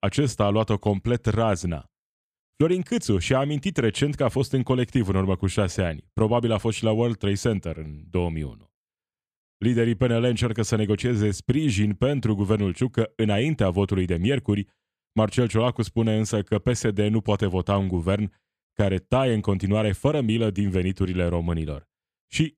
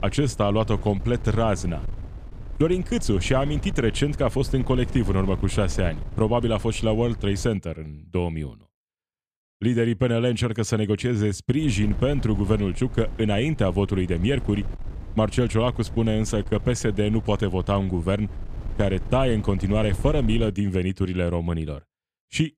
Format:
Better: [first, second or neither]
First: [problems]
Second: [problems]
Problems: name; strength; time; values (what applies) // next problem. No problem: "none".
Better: first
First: none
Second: wind noise on the microphone; occasional gusts; until 7.5 s and from 12 to 21 s; 20 dB below the speech